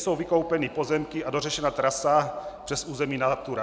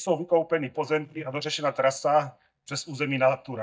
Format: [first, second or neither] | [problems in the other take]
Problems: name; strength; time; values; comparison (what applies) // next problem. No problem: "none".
first | noise reduction (neural mask model DeepFilterNet 3)